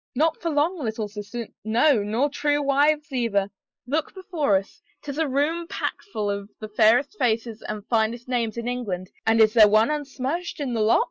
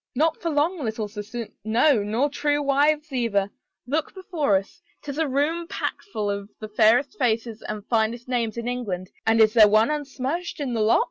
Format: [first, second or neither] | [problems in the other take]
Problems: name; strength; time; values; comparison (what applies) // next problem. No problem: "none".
second | noise reduction (neural mask model Resemble Enhance denoiser)